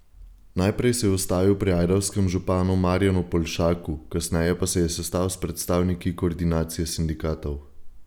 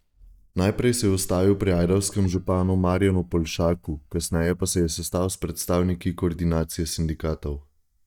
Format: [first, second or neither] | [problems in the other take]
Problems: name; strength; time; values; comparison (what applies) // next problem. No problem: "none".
first | noise reduction (neural mask model DeepFilterNet 3)